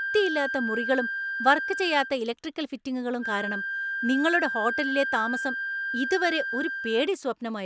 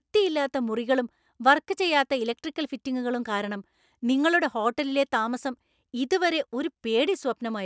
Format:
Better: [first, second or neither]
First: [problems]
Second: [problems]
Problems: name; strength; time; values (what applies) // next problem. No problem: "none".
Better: second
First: background sound (Wind instrument, woodwind instrument); 4 dB below the speech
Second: none